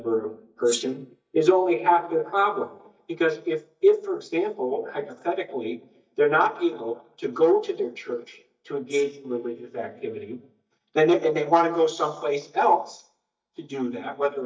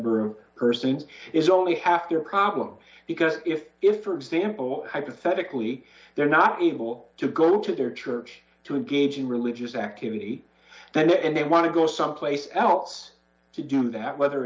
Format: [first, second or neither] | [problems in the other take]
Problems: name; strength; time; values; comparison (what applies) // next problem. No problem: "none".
second | noise reduction (neural mask model DeepFilterNet 3)